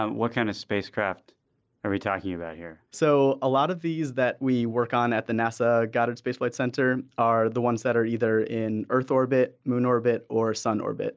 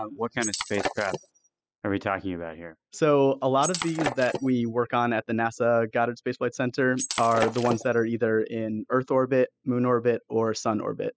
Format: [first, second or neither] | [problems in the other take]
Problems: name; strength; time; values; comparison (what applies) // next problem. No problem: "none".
first | noise reduction (classical method spectral subtraction)